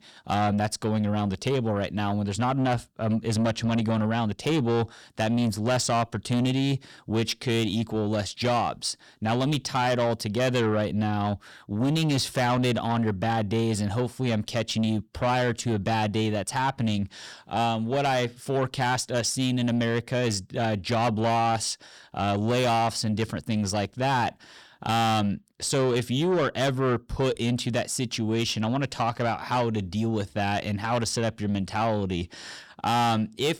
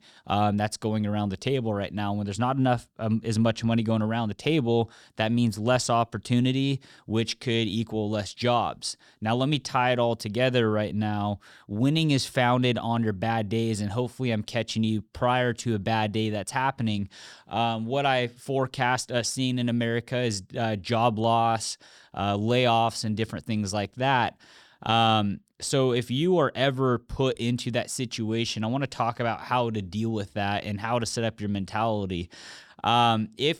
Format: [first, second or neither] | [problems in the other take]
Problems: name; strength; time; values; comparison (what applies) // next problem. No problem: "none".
second | distortion; slight; 10 dB below the speech